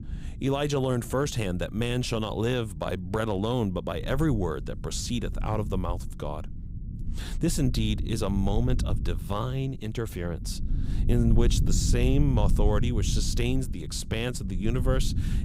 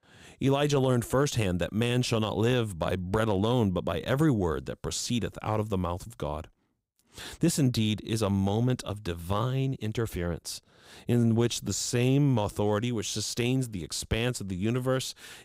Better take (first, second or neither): second